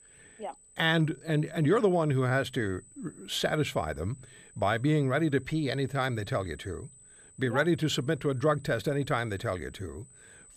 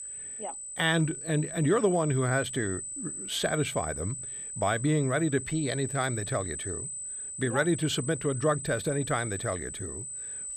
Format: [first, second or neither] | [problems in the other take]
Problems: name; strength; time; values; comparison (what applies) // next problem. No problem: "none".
first | high-pitched whine; loud; throughout; 8 kHz, 7 dB below the speech; faint in the first